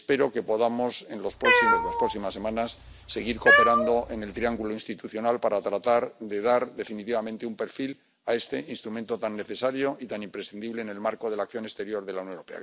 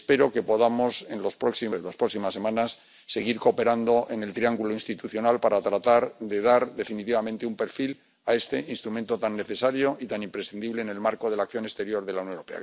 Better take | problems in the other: second | background sound (Cat); 3 dB above the speech

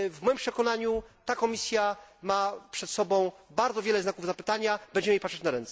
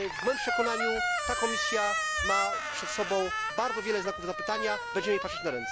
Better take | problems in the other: first | background sound (Squeak); as loud as the speech

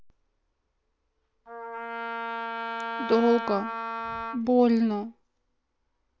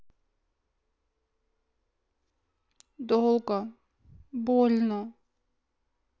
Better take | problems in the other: second | background sound (Wind instrument, woodwind instrument); 5 dB below the speech

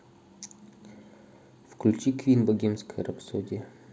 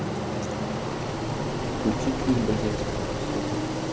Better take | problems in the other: first | background sound (Engine); 4 dB above the speech

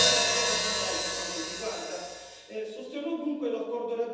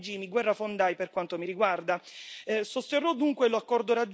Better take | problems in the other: second | background sound (Hi-hat); 4 dB above the speech // room echo; dies away in 1.1 s

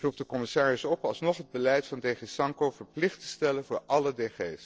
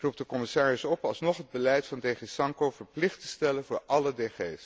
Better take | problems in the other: second | noise reduction (neural separator model SepFormer DNS4)

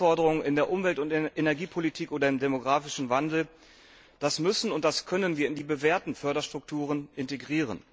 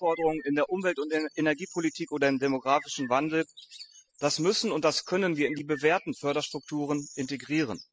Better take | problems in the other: first | noise reduction (classical method spectral subtraction)

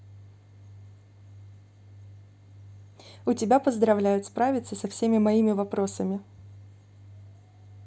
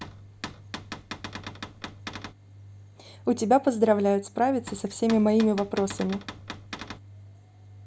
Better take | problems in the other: first | background sound (Cupboard open or close / Door); 13 dB below the speech

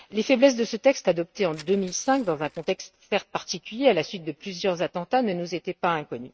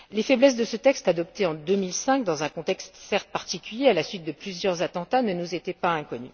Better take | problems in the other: second | noise reduction (neural mask model RNNoise)

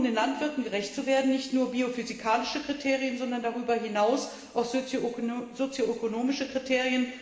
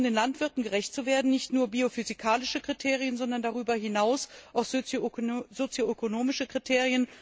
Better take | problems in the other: second | room echo; dies away in 2 s

